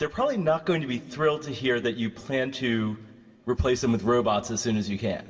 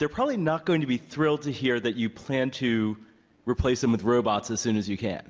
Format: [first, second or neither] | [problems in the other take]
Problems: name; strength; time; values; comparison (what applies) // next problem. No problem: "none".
second | room echo; dies away in 1.6 s